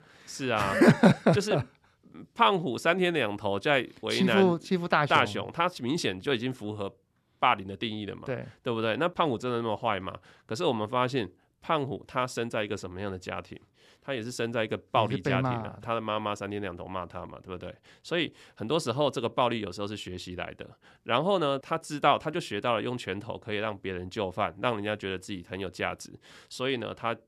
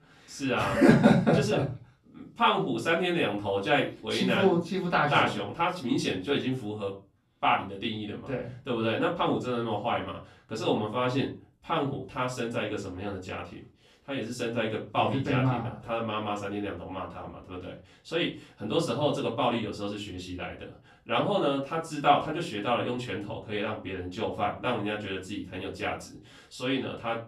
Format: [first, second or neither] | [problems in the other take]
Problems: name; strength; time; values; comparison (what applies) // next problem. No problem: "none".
first | off-mic speech; far // room echo; slight; dies away in 0.3 s